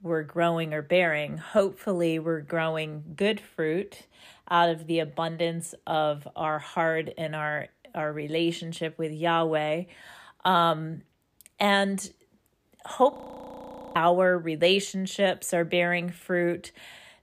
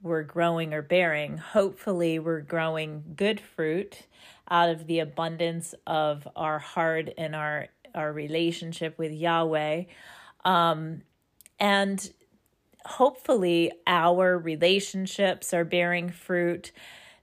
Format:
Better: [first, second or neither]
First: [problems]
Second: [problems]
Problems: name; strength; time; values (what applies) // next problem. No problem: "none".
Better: second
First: audio freezing; at 13 s for 1 s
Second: none